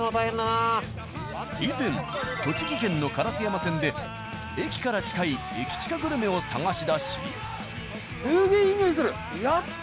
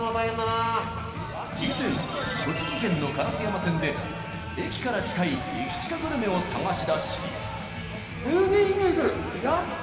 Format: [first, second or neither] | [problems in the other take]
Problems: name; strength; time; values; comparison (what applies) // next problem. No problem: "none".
first | background sound (Screech); 12 dB below the speech // room echo; dies away in 2.5 s